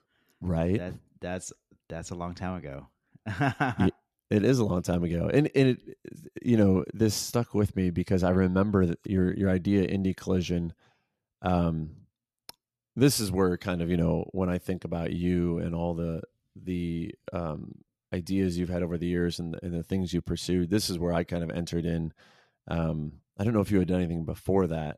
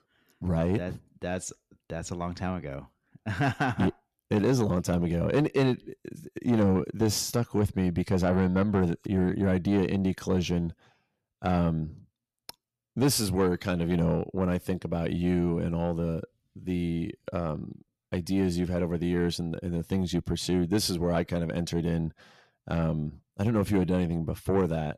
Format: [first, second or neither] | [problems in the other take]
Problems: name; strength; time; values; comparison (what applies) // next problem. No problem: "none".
first | distortion; slight; 10 dB below the speech